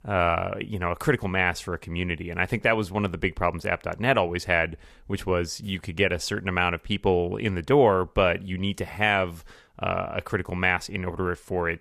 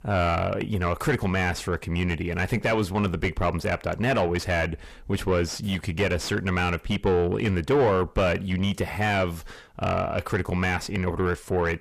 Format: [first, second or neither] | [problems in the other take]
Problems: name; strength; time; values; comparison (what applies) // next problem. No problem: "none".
first | distortion; heavy; 6 dB below the speech